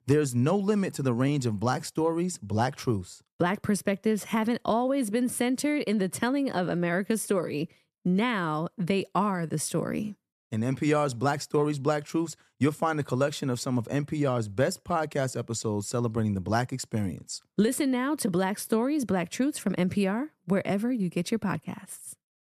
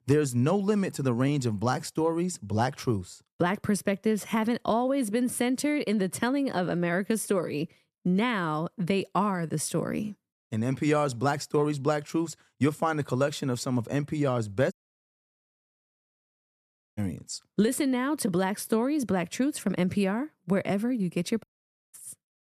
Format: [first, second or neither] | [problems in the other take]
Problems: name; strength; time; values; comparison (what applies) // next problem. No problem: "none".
first | audio cutting out; at 15 s for 2 s and at 21 s